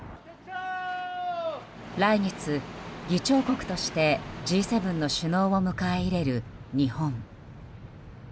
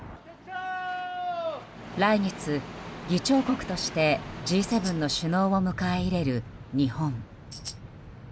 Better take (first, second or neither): first